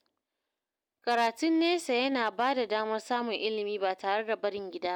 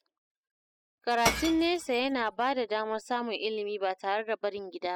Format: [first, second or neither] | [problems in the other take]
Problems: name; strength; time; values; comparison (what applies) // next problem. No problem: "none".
first | noise reduction (classical method spectral subtraction)